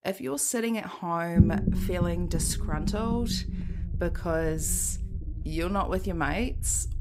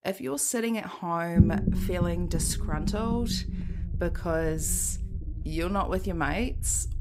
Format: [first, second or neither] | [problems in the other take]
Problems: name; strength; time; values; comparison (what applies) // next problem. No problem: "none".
neither | low rumble; loud; from 1.5 s on; 8 dB below the speech; the same in both